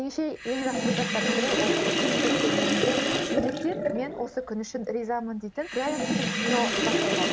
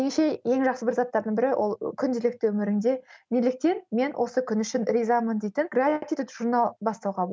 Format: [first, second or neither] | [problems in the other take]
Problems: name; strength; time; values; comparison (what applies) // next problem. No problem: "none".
second | background sound (Sink (filling or washing)); 3 dB above the speech